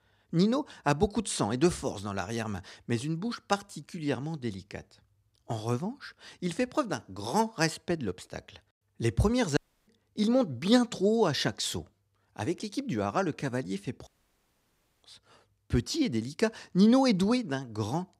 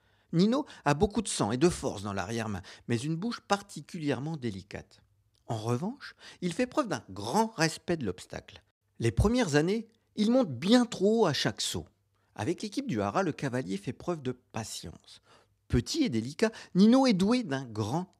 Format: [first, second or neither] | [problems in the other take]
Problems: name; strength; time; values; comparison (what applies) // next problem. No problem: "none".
second | audio cutting out; at 9.5 s and at 14 s for 1 s